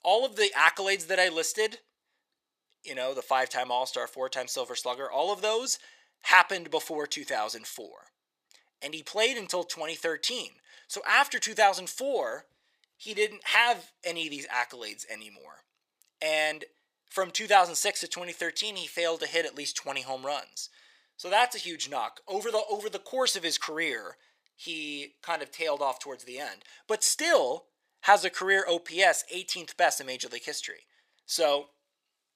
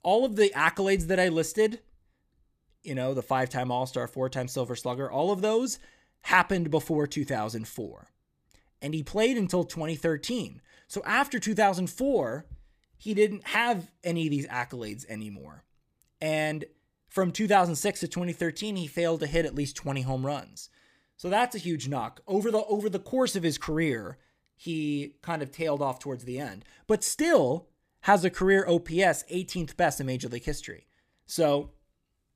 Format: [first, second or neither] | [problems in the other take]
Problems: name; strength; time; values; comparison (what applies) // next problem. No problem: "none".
second | thin; very; fading below 650 Hz